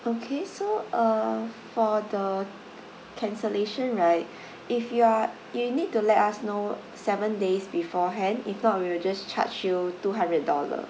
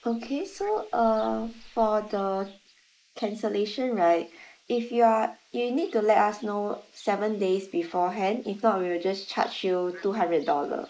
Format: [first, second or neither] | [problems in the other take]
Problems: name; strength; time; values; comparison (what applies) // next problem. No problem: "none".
first | noise reduction (neural mask model Resemble Enhance denoiser)